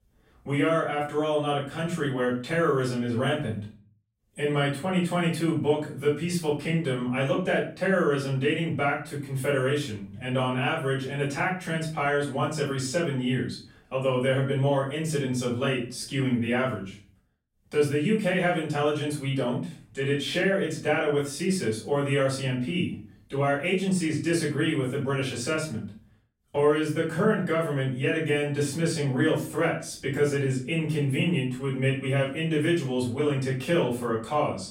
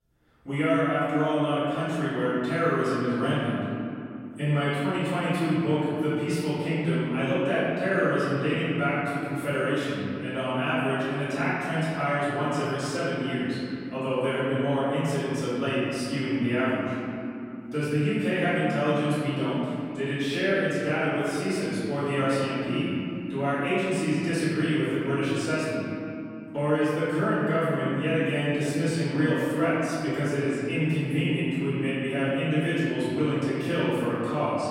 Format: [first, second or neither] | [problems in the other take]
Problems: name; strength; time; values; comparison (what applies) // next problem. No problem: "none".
first | room echo; strong; dies away in 3 s; slight in the first // off-mic speech; far; far in the first